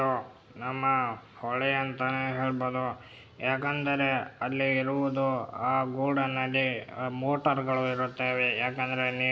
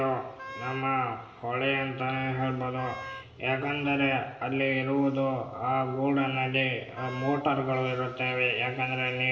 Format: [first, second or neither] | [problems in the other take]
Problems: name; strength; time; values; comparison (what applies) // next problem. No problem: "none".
first | background sound (Wind instrument, woodwind instrument); 14 dB below the speech // room echo; dies away in 1.6 s